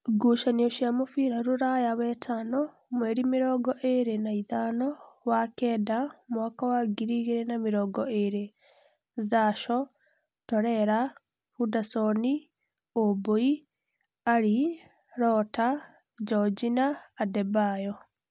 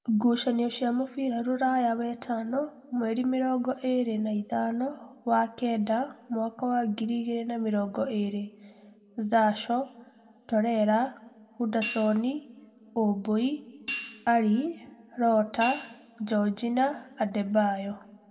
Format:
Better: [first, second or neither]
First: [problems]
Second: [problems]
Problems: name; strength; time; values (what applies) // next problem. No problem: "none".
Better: first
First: none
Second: background sound (Hi-hat); 14 dB below the speech // room echo; dies away in 1.2 s